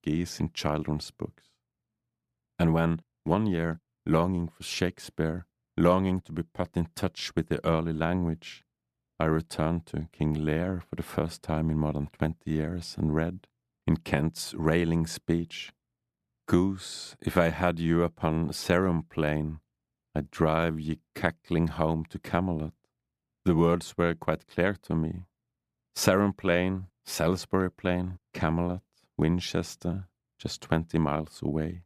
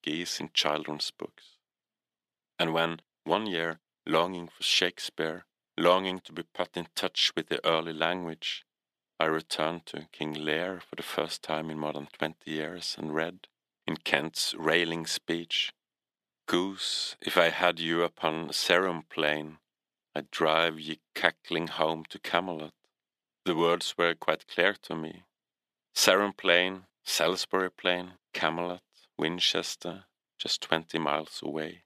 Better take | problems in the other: first | thin; somewhat; fading below 400 Hz

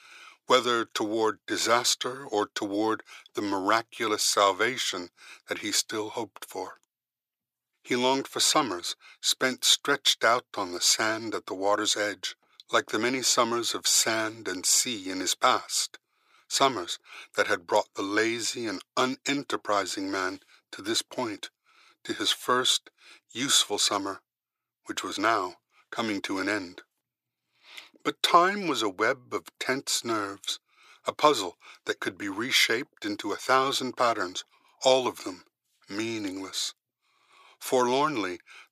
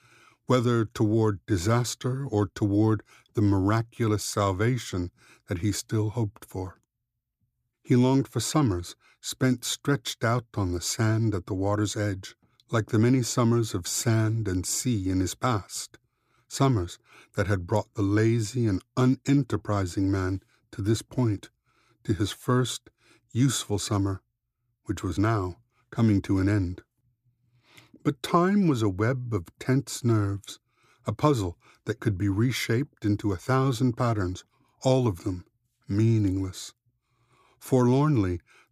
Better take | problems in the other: second | thin; very; fading below 600 Hz

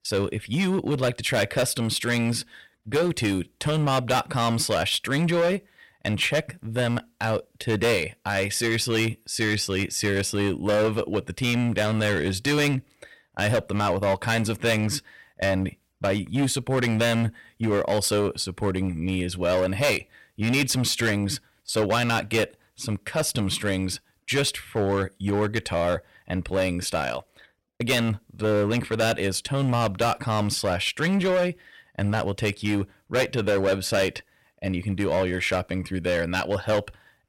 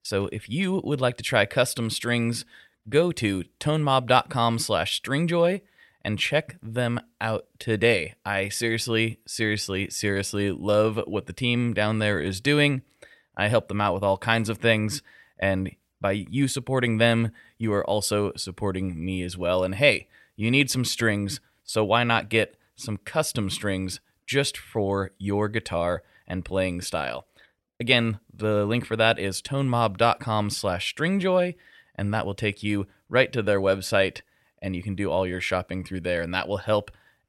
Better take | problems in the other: second | distortion; heavy; 11% of the sound clipped

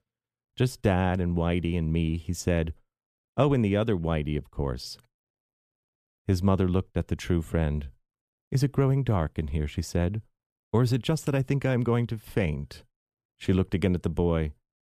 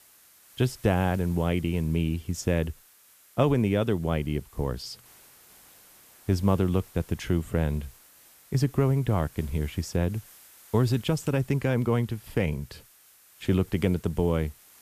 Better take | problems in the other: first | hiss; faint; throughout; 25 dB below the speech

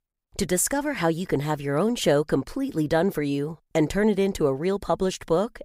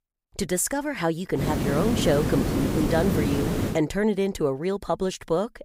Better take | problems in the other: first | hiss; loud; from 1.5 to 3.5 s; as loud as the speech

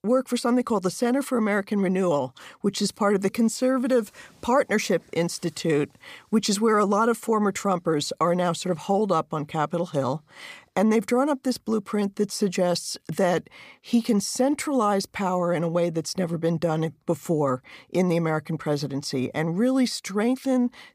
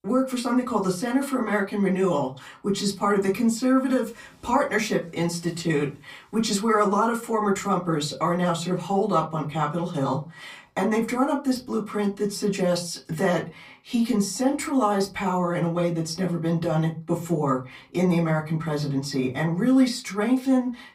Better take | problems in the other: first | off-mic speech; far // room echo; very slight; dies away in 0.2 s

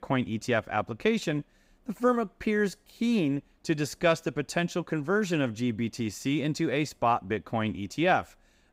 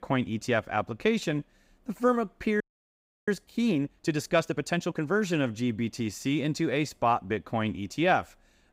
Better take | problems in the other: first | audio freezing; at 2.5 s for 0.5 s

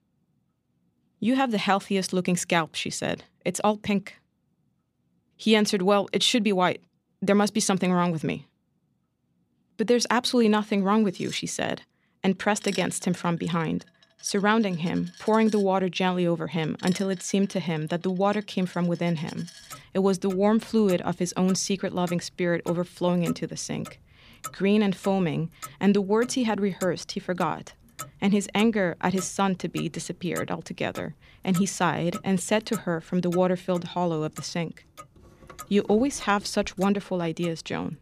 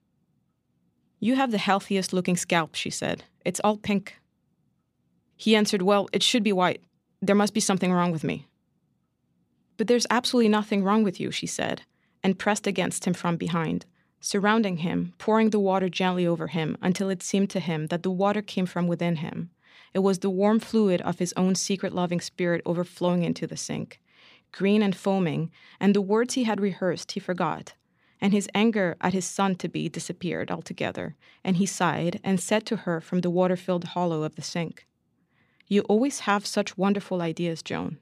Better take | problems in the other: second | household noises; noticeable; from 11 s on; 20 dB below the speech

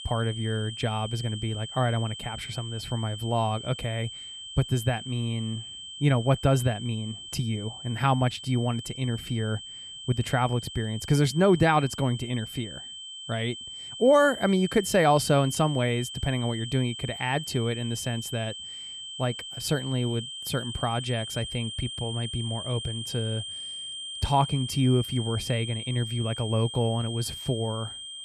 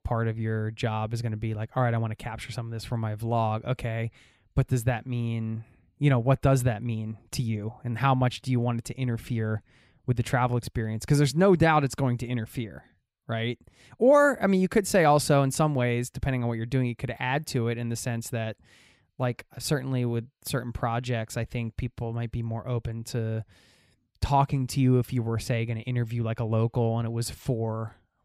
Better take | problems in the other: second | high-pitched whine; loud; throughout; 3 kHz, 9 dB below the speech

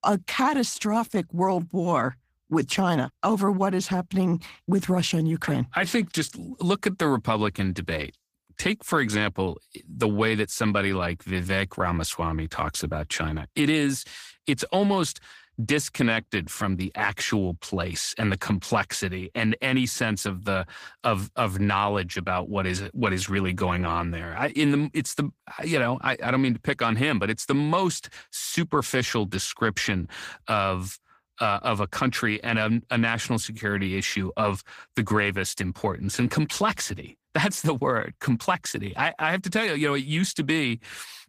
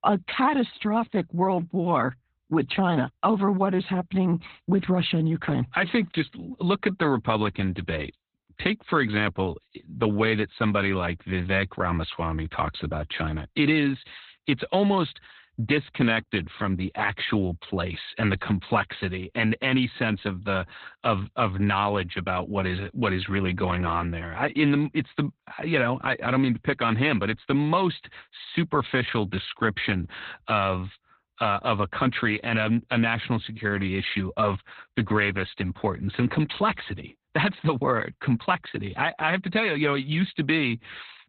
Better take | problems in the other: first | garbled, watery; badly; nothing above 4 kHz; slightly in the first

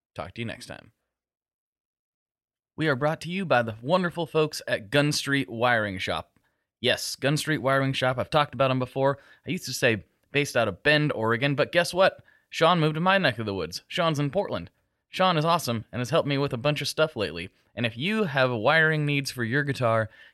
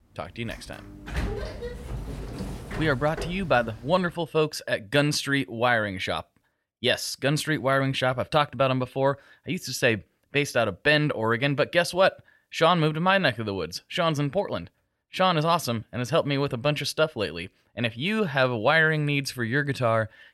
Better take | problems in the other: first | door banging; noticeable; until 4 s; peak 6 dB below the speech

